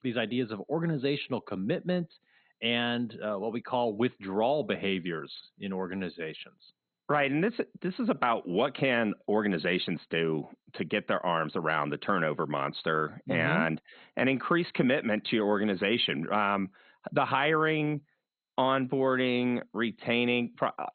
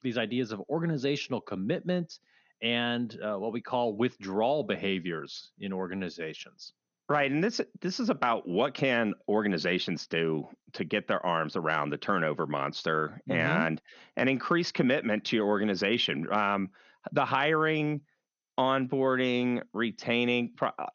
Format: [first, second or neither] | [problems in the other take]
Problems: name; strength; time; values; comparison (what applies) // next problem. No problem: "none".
second | garbled, watery; badly; nothing above 4 kHz; slightly in the second